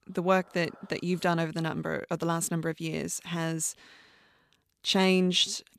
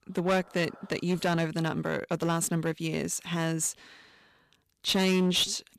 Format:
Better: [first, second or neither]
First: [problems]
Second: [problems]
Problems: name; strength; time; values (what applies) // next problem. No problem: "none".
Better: first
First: none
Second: distortion; slight; 6% of the sound clipped